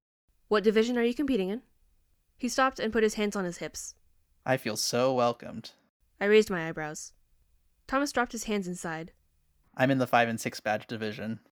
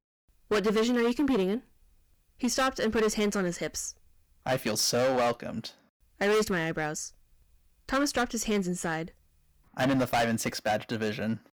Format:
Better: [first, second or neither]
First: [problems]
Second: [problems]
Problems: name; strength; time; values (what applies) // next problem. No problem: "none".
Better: first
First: none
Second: distortion; heavy; 10% of the sound clipped